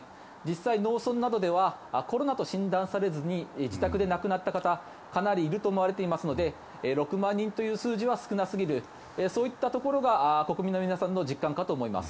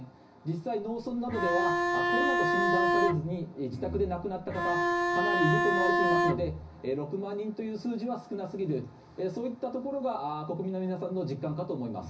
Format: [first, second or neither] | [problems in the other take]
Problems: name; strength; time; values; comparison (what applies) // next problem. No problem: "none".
first | background sound (Bowed string instrument); 5 dB above the speech // room echo; dies away in 0.4 s